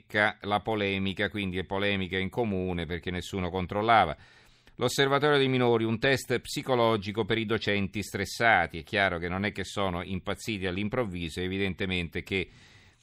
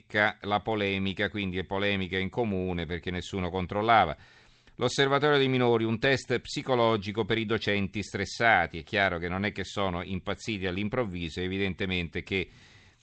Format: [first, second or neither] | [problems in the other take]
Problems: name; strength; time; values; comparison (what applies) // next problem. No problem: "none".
first | garbled, watery; slightly; nothing above 8 kHz